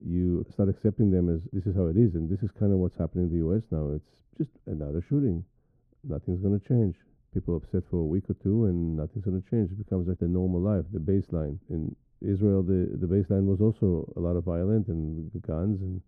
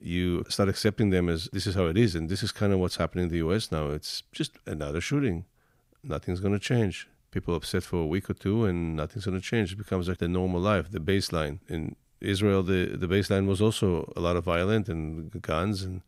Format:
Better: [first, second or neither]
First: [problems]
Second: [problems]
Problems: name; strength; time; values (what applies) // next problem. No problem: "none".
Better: second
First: muffled; very; fading above 1 kHz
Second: none